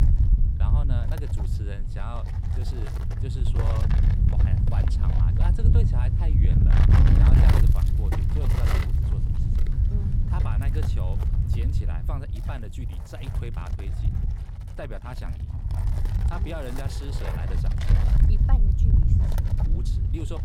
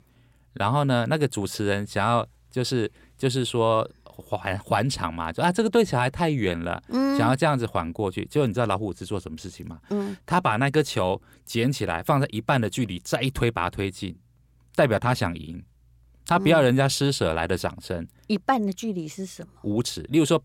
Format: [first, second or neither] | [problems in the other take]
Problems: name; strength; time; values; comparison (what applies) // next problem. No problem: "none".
second | wind noise on the microphone; heavy; 3 dB above the speech